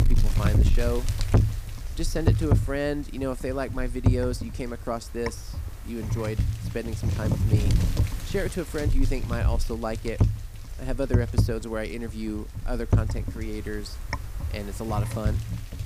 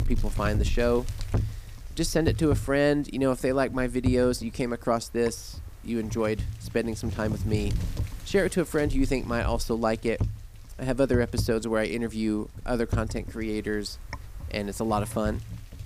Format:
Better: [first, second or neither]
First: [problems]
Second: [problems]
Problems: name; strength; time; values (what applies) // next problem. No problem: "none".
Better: second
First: wind noise on the microphone; heavy; 5 dB below the speech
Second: wind noise on the microphone; occasional gusts; 15 dB below the speech